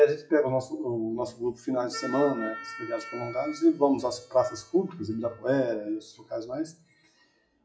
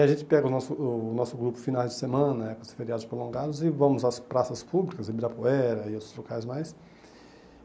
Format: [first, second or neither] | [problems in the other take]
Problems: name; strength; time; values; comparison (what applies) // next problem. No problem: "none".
second | noise reduction (classical method WPE with log-MMSE)